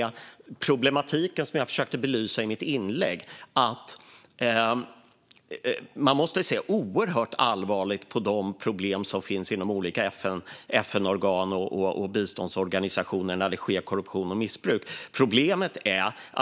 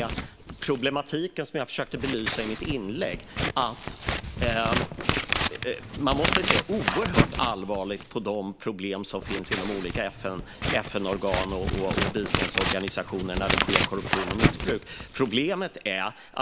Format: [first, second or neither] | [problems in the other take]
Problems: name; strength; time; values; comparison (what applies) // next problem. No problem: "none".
first | background sound (Scissors); as loud as the speech